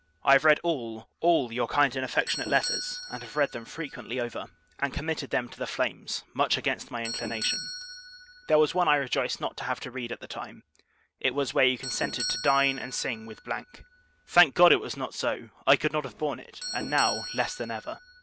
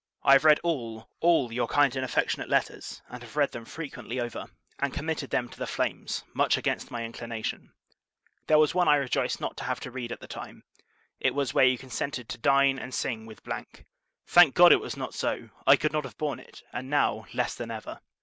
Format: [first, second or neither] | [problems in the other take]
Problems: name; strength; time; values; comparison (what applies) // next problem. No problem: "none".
second | background sound (Doorbell); 12 dB below the speech